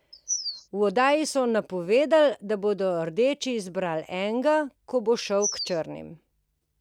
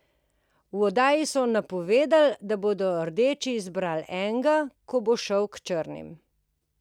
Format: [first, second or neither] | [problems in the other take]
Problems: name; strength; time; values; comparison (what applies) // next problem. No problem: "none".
second | background sound (Bird vocalization, bird call, bird song); 7 dB below the speech